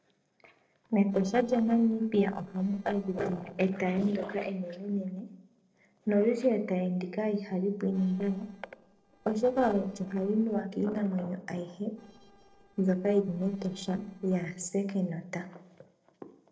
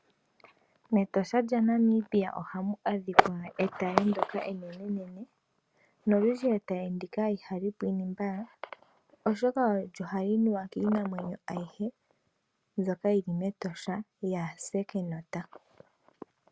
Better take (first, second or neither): second